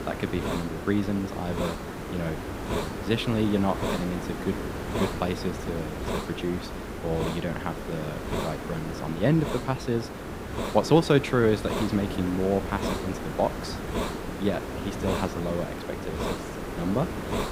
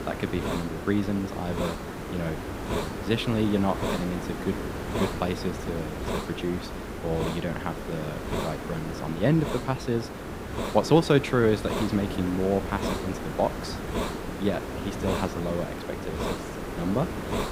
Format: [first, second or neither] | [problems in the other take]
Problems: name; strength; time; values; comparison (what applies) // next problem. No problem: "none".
neither | hiss; loud; throughout; 4 dB below the speech; the same in both